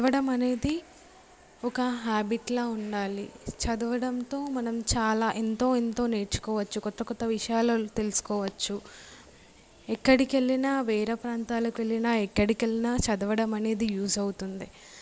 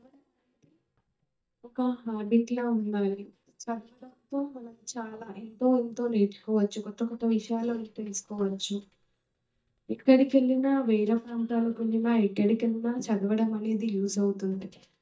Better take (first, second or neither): first